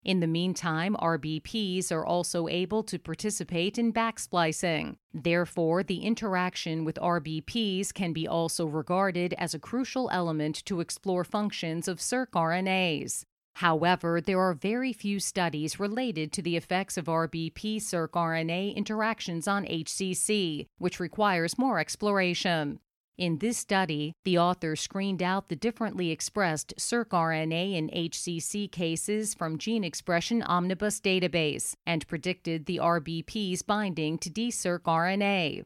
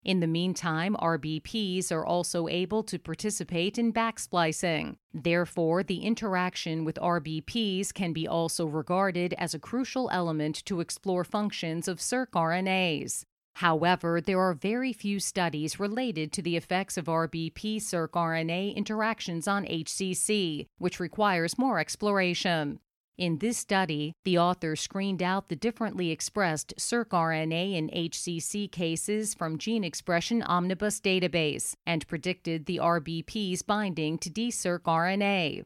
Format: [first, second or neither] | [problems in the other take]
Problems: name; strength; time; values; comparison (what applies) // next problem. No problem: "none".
neither | none